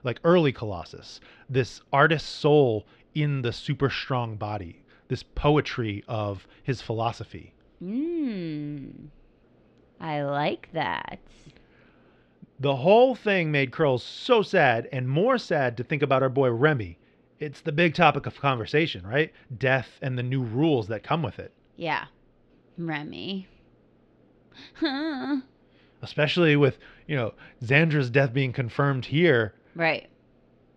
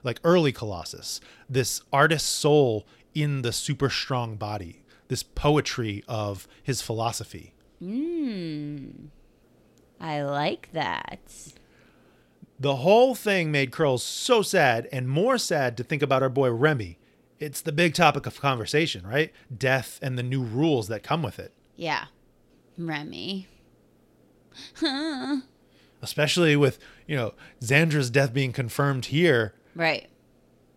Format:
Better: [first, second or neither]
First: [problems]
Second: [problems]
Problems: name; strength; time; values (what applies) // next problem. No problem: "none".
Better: second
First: muffled; slightly; fading above 3.5 kHz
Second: none